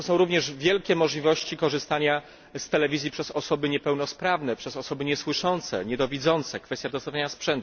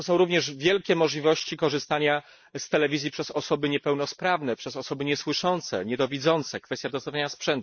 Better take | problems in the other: first | noise reduction (neural mask model Resemble Enhance denoiser)

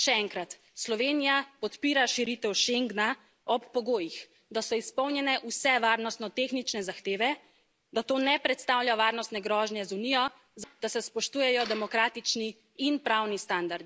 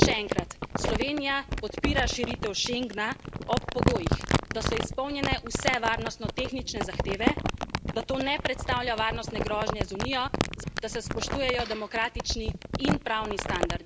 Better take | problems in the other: first | background sound (Crumpling, crinkling); 1 dB above the speech

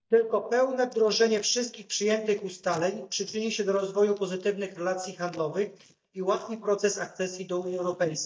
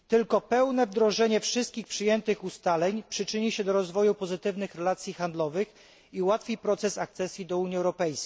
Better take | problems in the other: second | noise reduction (neural mask model DeepFilterNet 3)

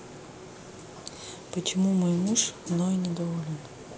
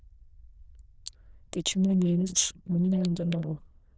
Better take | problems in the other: first | noise reduction (neural diffusion model UNIVERSE++)

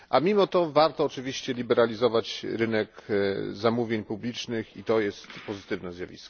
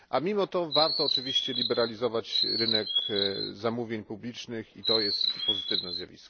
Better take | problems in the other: first | background sound (Chirp, tweet); 3 dB above the speech

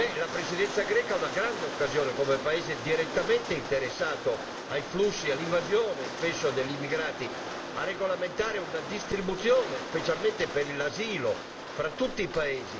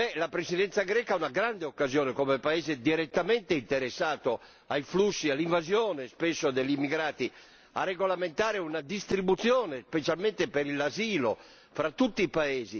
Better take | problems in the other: second | background sound (Rain); 7 dB below the speech // room echo; dies away in 2.1 s

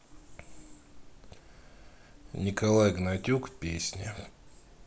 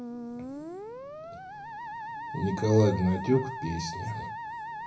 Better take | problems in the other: first | background sound (Musical instrument); 8 dB below the speech // room echo; dies away in 0.5 s

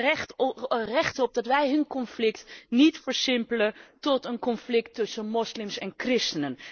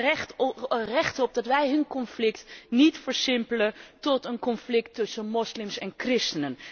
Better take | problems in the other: second | noise reduction (neural mask model Resemble Enhance denoiser)

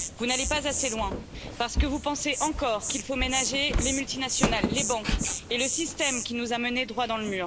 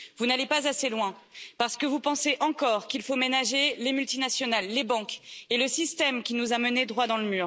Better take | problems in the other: second | background sound (Walk, footsteps + Insect); 2 dB below the speech

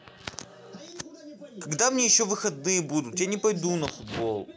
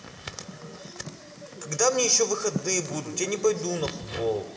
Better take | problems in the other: first | background sound (Fire); 14 dB below the speech // room echo; dies away in 2.6 s

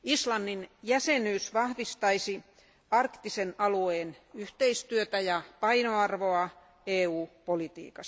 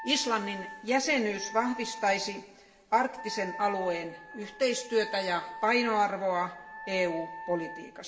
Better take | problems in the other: first | background sound (Wind instrument, woodwind instrument); 13 dB below the speech // room echo; dies away in 2.6 s

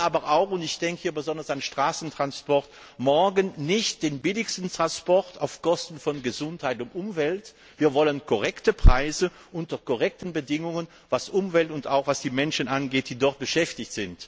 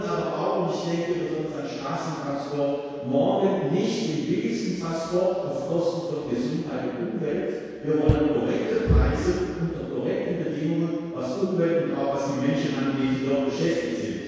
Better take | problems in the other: first | background sound (Knock); 4 dB below the speech // room echo; dies away in 2 s

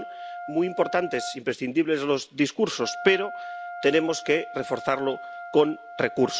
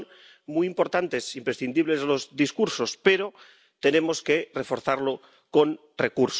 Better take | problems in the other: second | background sound (Wind instrument, woodwind instrument); 12 dB below the speech

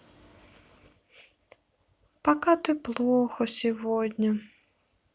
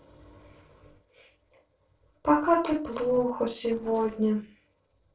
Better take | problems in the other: first | noise reduction (neural separator model SepFormer DNS4)

